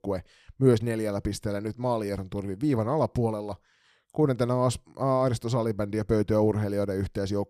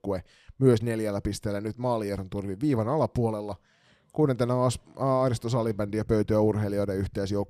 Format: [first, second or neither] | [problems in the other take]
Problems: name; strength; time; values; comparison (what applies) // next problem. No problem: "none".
first | traffic noise; faint; throughout; 25 dB below the speech